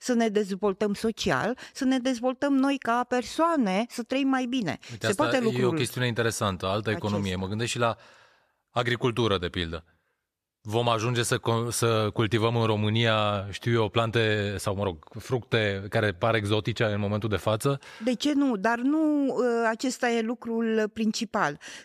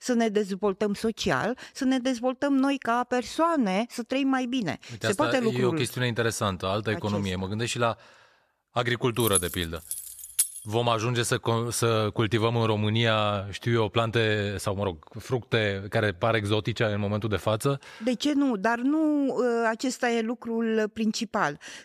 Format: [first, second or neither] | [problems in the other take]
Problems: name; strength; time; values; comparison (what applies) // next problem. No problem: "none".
first | jangling keys; loud; from 9 to 11 s; peak level with the speech